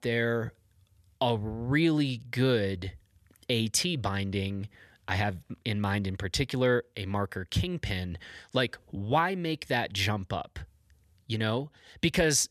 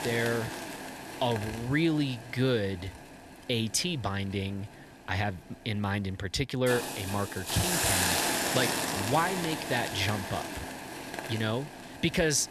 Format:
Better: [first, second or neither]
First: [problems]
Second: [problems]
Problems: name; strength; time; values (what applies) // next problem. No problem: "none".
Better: first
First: none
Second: hiss; loud; throughout; 1 dB below the speech